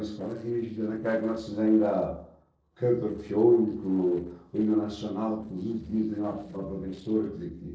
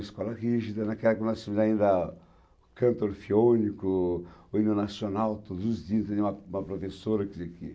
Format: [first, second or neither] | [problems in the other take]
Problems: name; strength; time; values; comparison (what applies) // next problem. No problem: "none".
second | noise reduction (neural separator model SepFormer DNS4)